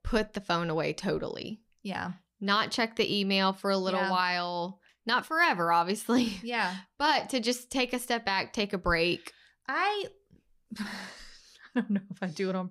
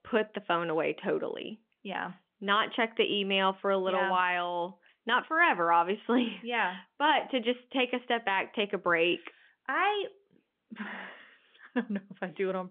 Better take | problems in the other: first | phone-call audio; nothing above 3.5 kHz

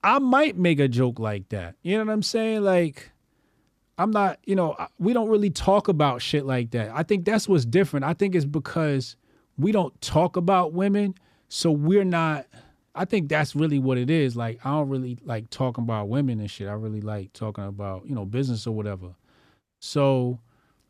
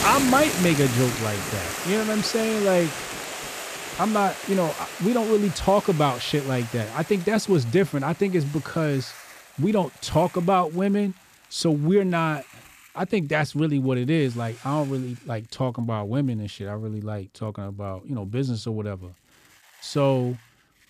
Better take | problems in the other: first | hiss; loud; throughout; 8 dB below the speech

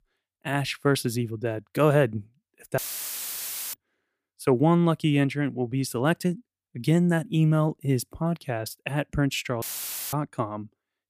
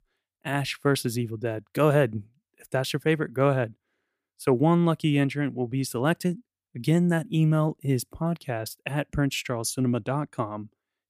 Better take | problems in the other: second | audio cutting out; filled with static; at 3 s for 1 s and at 9.5 s for 0.5 s

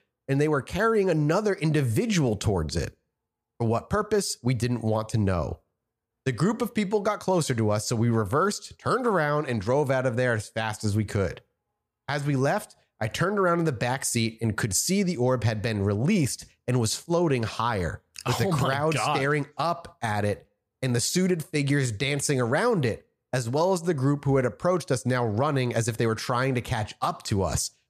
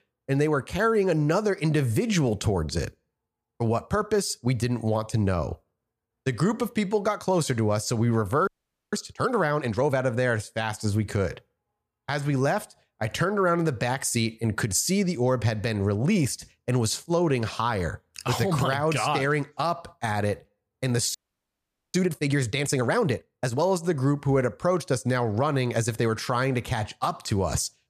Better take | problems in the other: first | audio freezing; at 8.5 s and at 21 s for 1 s

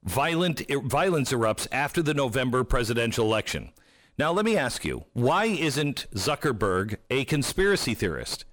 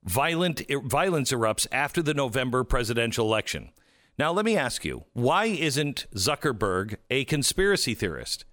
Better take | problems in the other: second | distortion; slight; 10 dB below the speech

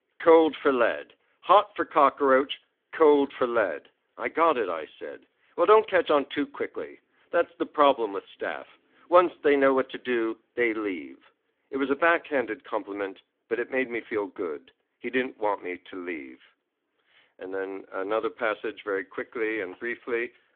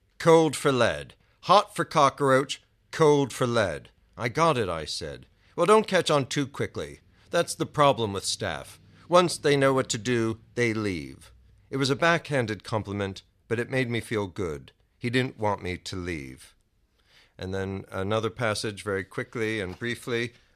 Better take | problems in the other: second | phone-call audio; nothing above 3.5 kHz

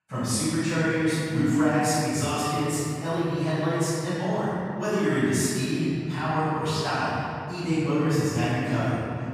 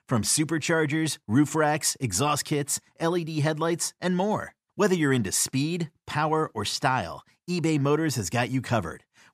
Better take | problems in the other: second | room echo; strong; dies away in 3 s // off-mic speech; far

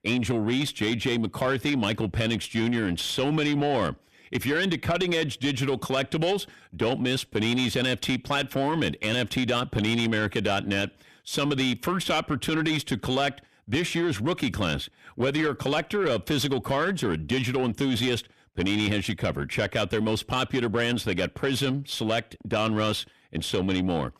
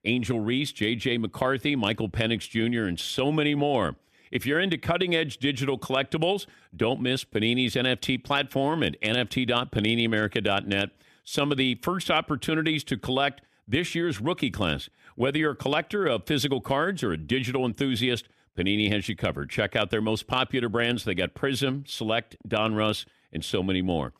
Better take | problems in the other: second | distortion; slight; 10 dB below the speech

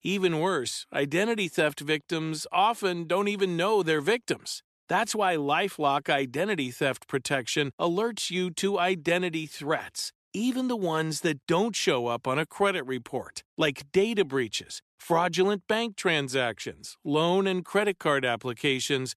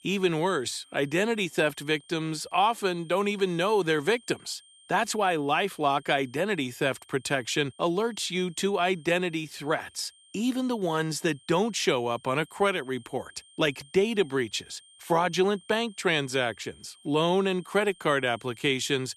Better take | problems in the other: first | high-pitched whine; faint; throughout; 3 kHz, 25 dB below the speech

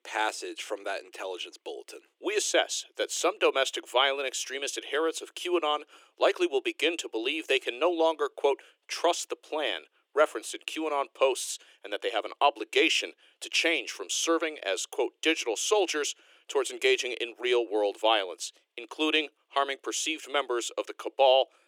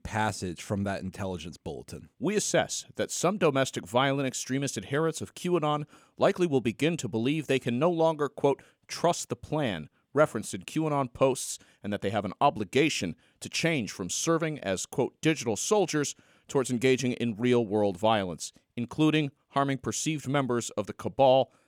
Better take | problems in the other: second | thin; very; fading below 350 Hz

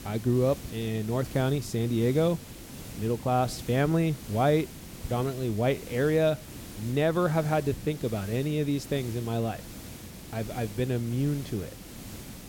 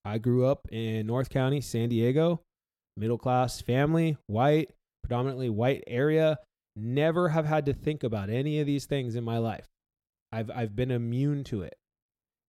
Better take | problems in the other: second | hiss; noticeable; throughout; 15 dB below the speech

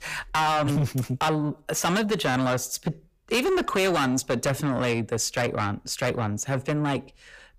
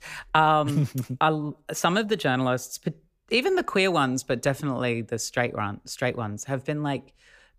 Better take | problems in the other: second | distortion; heavy; 6 dB below the speech

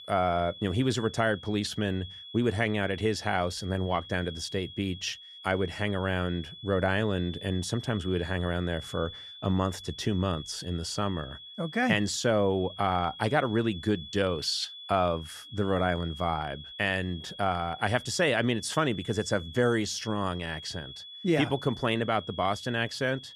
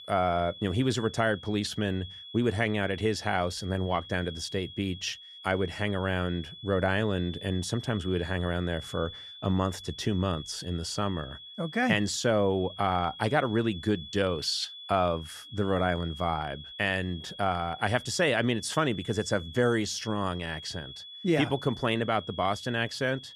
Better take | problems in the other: neither | high-pitched whine; noticeable; throughout; 3.5 kHz, 15 dB below the speech; the same in both

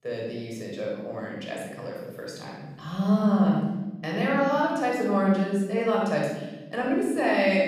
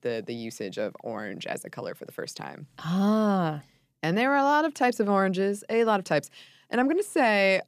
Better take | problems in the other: second | off-mic speech; far // room echo; noticeable; dies away in 1.5 s

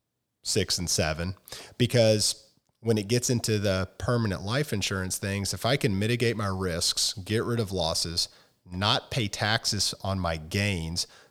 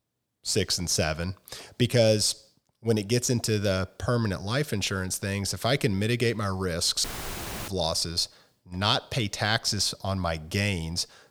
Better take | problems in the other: first | audio cutting out; filled with static; at 7 s for 0.5 s

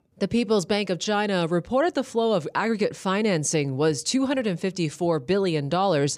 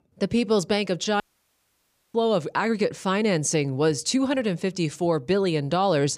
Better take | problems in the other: first | audio cutting out; at 1 s for 1 s

